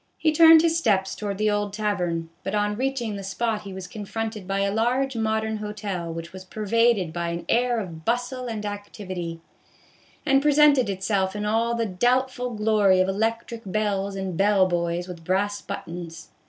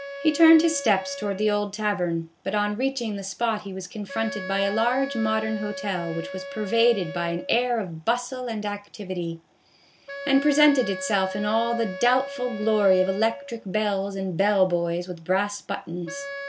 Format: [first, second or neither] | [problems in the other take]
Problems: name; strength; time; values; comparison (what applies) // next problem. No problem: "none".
first | background sound (Wind instrument, woodwind instrument); 13 dB below the speech